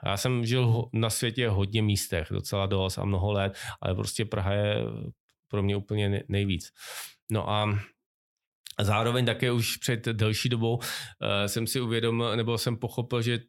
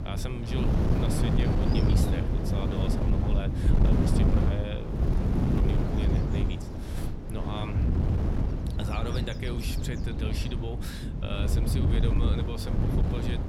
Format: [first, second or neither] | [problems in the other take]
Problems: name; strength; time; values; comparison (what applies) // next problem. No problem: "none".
first | wind noise on the microphone; heavy; 3 dB above the speech